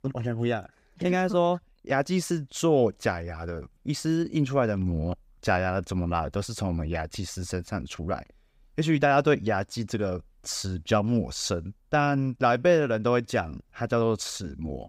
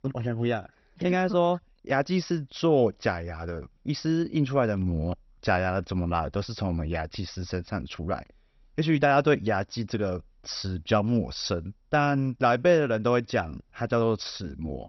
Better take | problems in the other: first | garbled, watery; slightly; nothing above 6 kHz

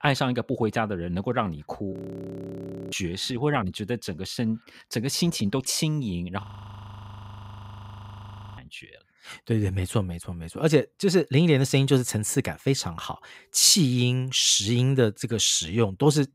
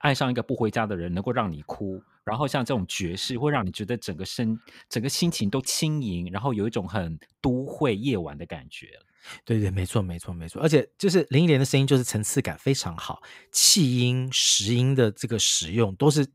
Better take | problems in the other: second | audio freezing; at 2 s for 1 s and at 6.5 s for 2 s

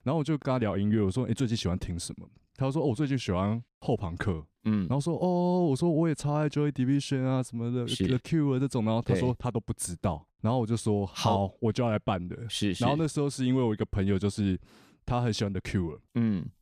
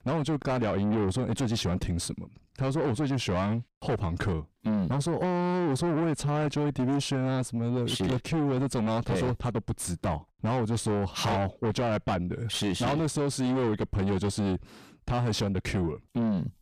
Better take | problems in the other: first | distortion; heavy; 6 dB below the speech

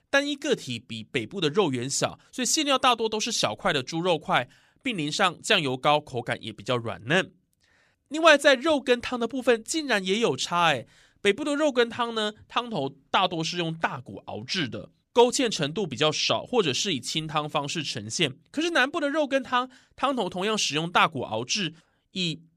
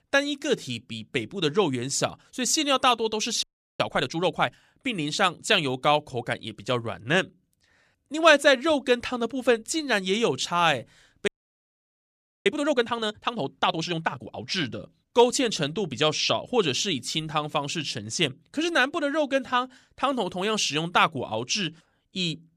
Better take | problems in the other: first | audio freezing; at 3.5 s and at 11 s for 1 s

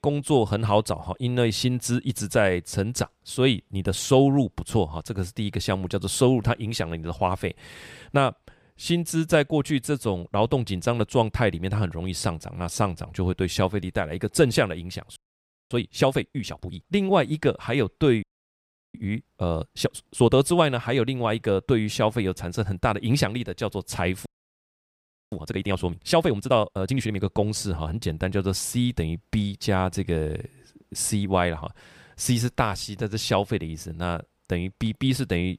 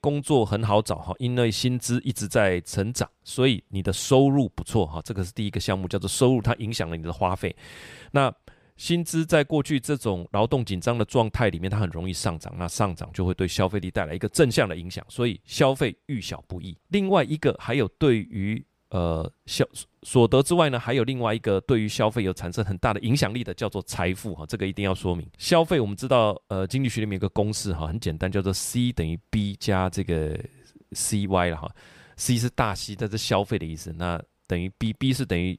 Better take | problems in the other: second | audio freezing; at 15 s for 0.5 s, at 18 s for 0.5 s and at 24 s for 1 s

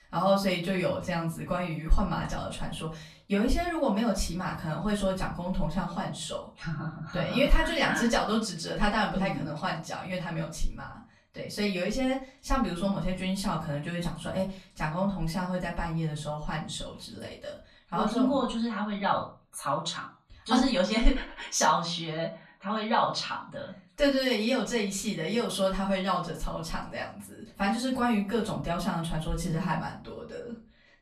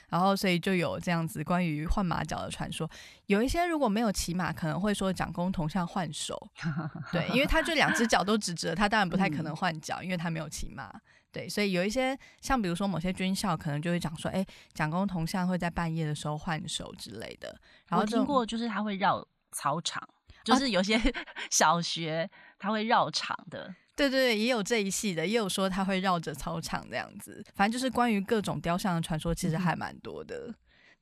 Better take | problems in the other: second | off-mic speech; far // room echo; slight; dies away in 0.3 s

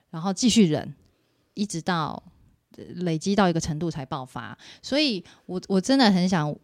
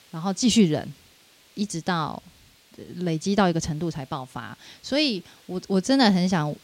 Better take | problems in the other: first | hiss; faint; throughout; 30 dB below the speech

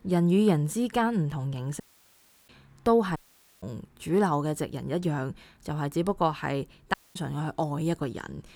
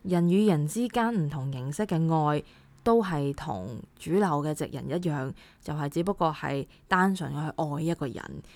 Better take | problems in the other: second | audio cutting out; at 2 s for 0.5 s, at 3 s and at 7 s

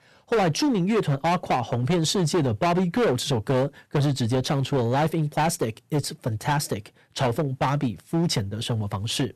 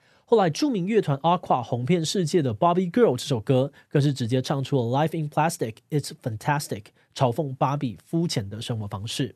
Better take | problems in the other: second | distortion; heavy; 15% of the sound clipped

